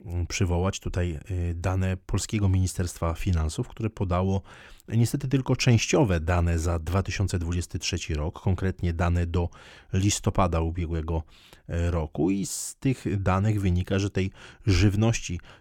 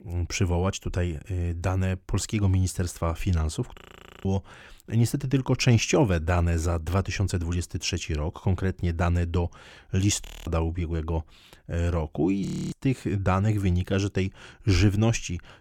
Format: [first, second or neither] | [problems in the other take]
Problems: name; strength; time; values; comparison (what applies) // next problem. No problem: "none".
first | audio freezing; at 4 s, at 10 s and at 12 s